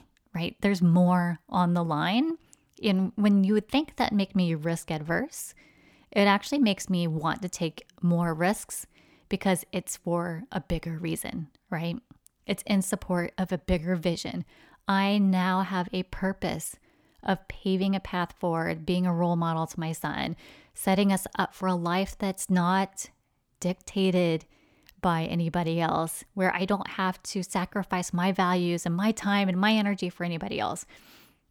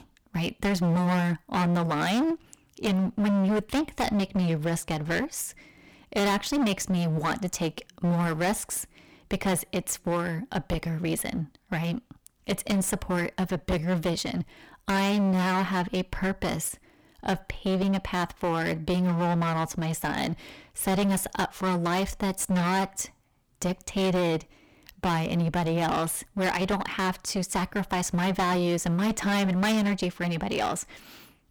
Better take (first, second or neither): first